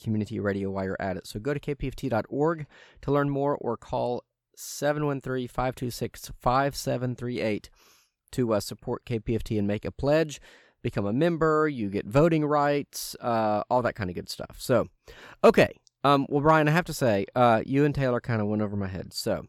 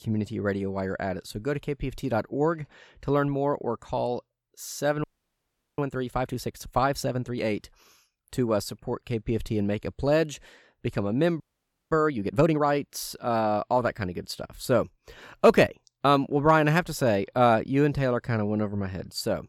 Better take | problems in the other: first | audio freezing; at 5 s for 0.5 s and at 11 s for 0.5 s

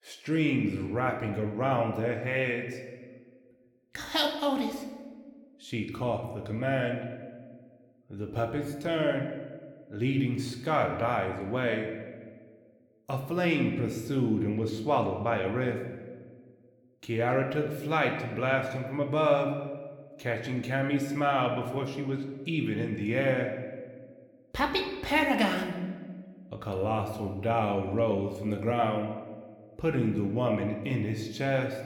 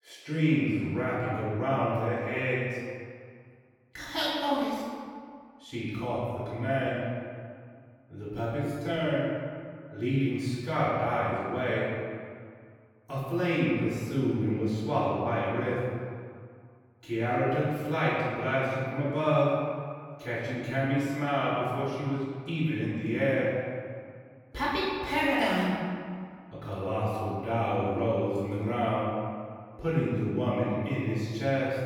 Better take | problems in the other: first | room echo; strong; dies away in 1.8 s; slight in the first // off-mic speech; far

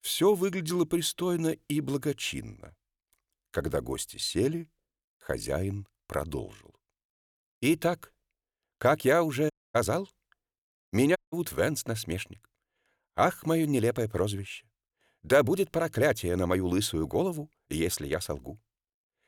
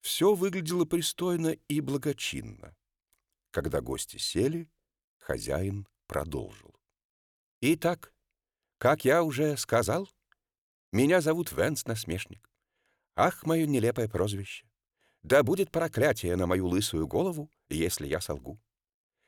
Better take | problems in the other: second | audio cutting out; at 9.5 s and at 11 s

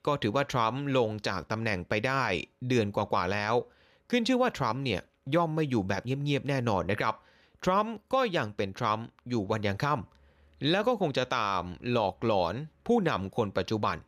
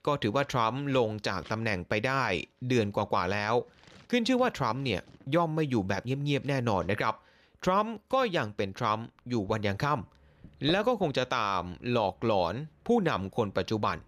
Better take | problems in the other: first | household noises; faint; throughout; 25 dB below the speech

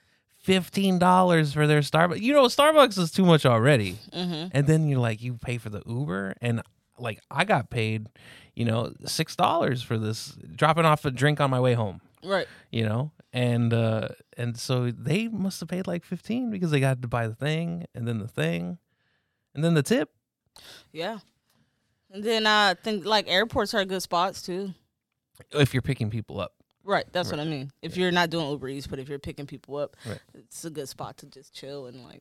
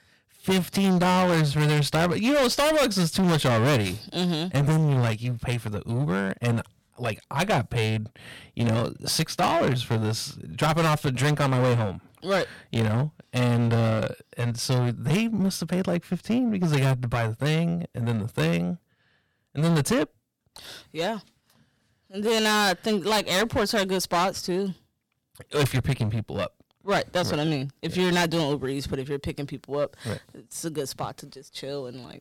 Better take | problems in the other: first | distortion; heavy; 15% of the sound clipped

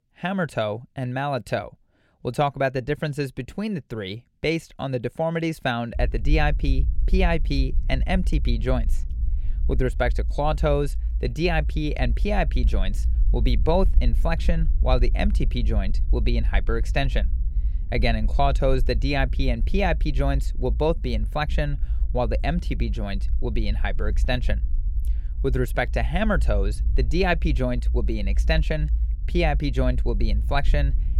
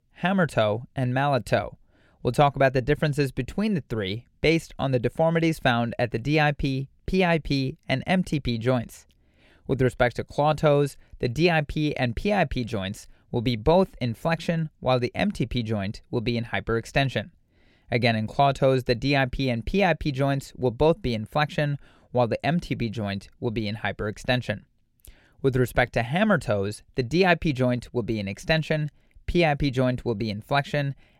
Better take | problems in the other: second | low rumble; faint; from 6 s on; 20 dB below the speech

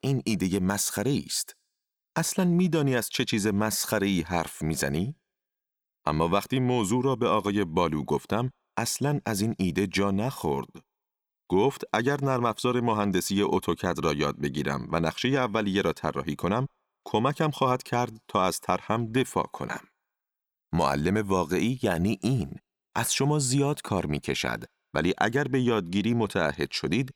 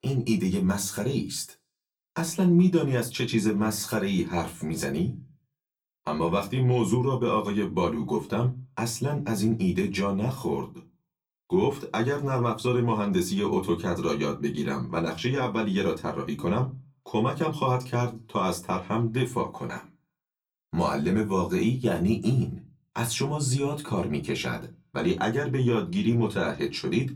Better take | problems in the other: first | off-mic speech; far // room echo; very slight; dies away in 0.2 s

